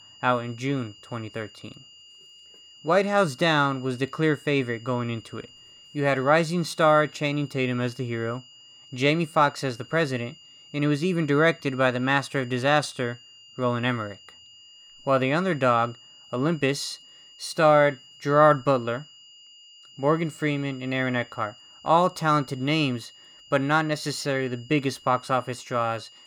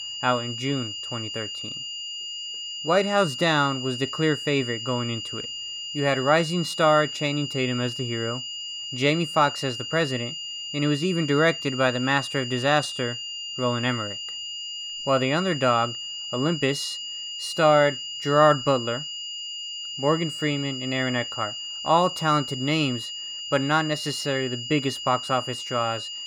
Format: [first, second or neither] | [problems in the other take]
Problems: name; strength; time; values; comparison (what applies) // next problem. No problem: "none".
first | high-pitched whine; loud; throughout; 3 kHz, 7 dB below the speech; faint in the first